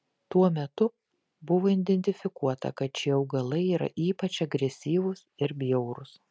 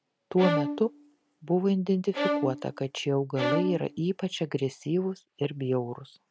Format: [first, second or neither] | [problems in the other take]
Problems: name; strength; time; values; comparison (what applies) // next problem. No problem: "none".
first | background sound (Bowed string instrument); 4 dB below the speech